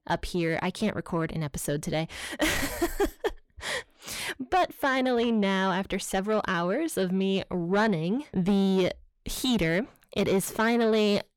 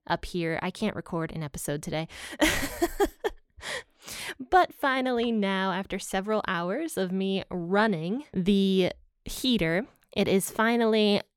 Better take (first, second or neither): second